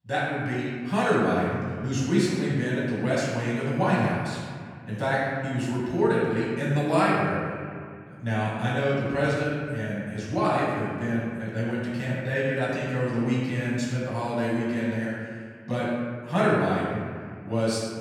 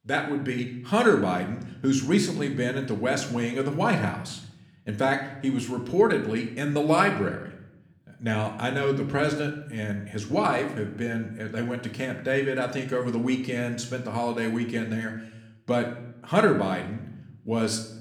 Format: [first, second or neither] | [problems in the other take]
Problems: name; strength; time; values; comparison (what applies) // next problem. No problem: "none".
second | room echo; strong; dies away in 2 s; slight in the second // off-mic speech; far